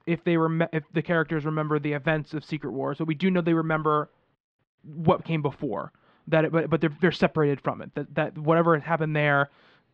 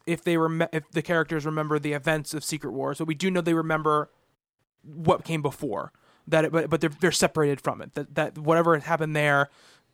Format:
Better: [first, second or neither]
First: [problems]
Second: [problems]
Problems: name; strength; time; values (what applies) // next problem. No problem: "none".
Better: second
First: muffled; slightly; fading above 3.5 kHz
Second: none